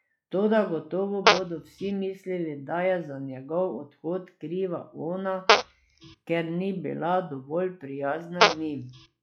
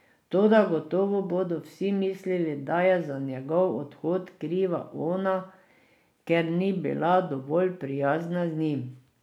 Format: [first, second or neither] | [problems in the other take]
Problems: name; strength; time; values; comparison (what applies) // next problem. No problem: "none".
second | noise reduction (classical method log-MMSE)